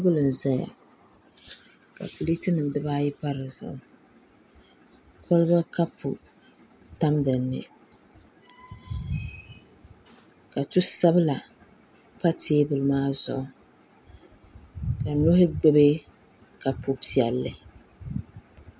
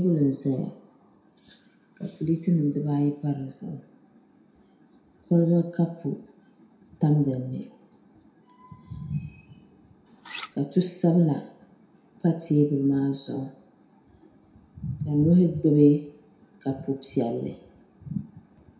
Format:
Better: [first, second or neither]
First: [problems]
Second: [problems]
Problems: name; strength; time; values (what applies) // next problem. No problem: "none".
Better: first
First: none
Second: background sound (Cutlery, silverware); 14 dB below the speech // room echo; dies away in 0.6 s